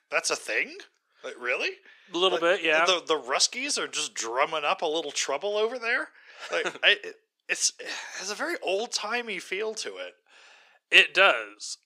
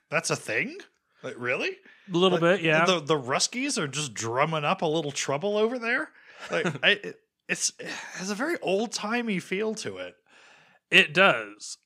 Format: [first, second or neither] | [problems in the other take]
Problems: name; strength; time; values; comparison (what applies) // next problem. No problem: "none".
second | thin; somewhat; fading below 350 Hz